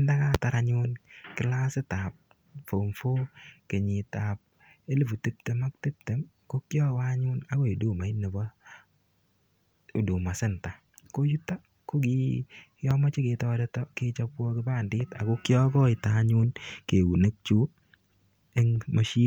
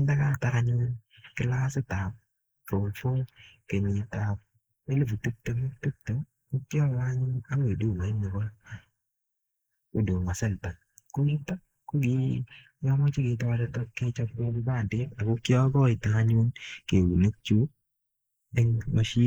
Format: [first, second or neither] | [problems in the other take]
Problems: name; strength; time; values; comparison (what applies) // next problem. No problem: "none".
first | noise reduction (neural mask model Resemble Enhance denoiser)